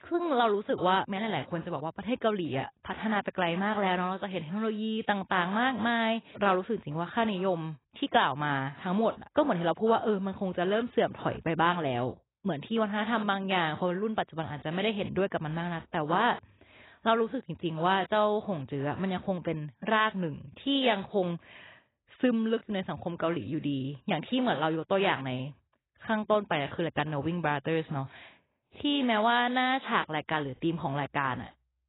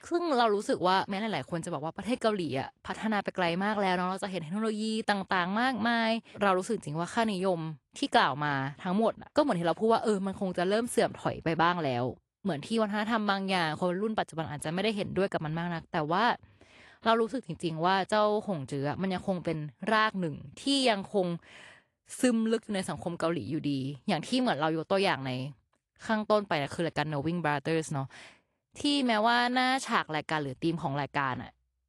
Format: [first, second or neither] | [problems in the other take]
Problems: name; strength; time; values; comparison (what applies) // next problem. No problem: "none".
second | garbled, watery; badly; nothing above 4 kHz; slightly in the second